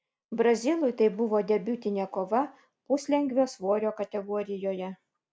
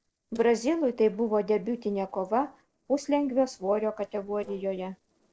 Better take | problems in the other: first | noise reduction (neural separator model SepFormer DNS4)

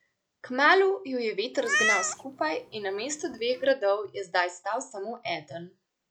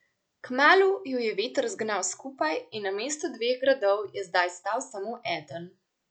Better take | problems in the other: second | background sound (Meow); 3 dB below the speech

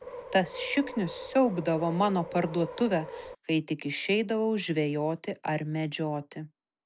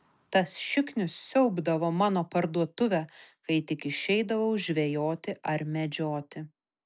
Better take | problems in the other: second | background sound (Subway, metro, underground); 12 dB below the speech

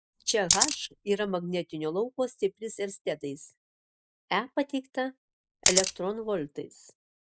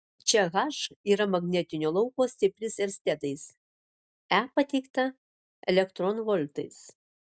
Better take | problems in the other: second | noise reduction (neural mask model Resemble Enhance denoiser)

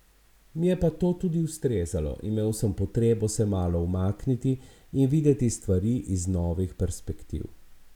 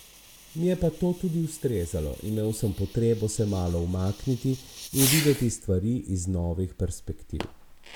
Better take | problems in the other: first | background sound (Fireworks); 11 dB below the speech

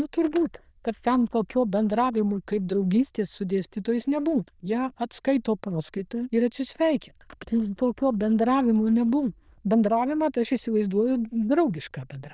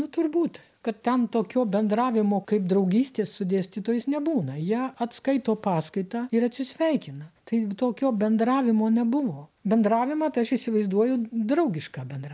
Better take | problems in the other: second | noise reduction (neural diffusion model UNIVERSE++)

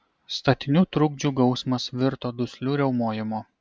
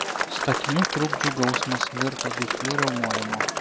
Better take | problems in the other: first | background sound (Applause / Crowd); 2 dB above the speech

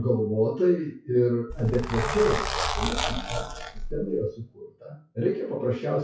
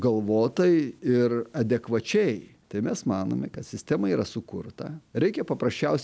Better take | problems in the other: second | noise reduction (classical method WPE with log-MMSE)

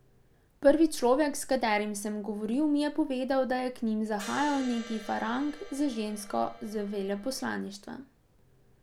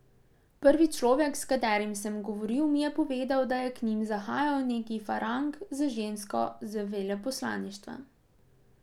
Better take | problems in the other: second | background sound (Crash cymbal); 16 dB below the speech

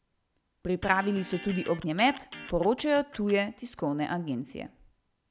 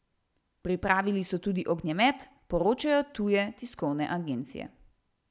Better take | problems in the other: second | background sound (Electric guitar); 16 dB below the speech

